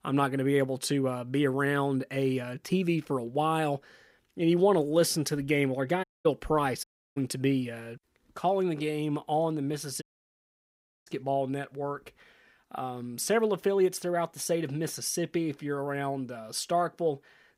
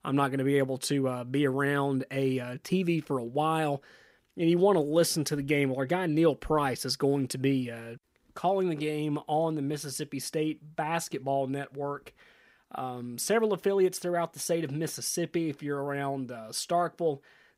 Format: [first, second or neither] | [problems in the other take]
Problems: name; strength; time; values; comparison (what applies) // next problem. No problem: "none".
second | audio cutting out; at 6 s, at 7 s and at 10 s for 1 s